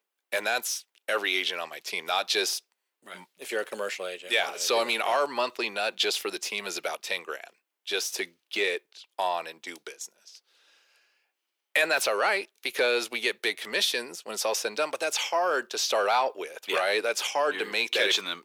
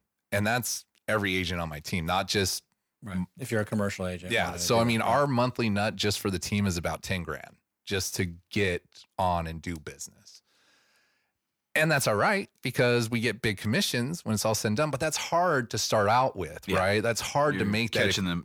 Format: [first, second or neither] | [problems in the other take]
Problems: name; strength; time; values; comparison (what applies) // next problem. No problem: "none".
second | thin; very; fading below 400 Hz